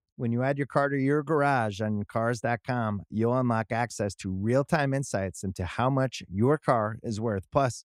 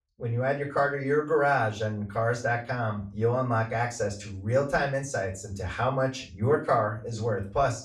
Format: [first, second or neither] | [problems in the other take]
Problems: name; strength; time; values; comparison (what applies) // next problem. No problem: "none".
first | room echo; slight; dies away in 0.3 s // off-mic speech; far